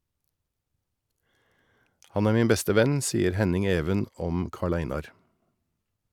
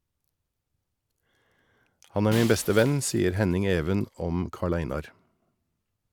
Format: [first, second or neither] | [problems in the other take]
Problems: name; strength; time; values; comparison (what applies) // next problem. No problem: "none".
first | background sound (Shatter); 16 dB below the speech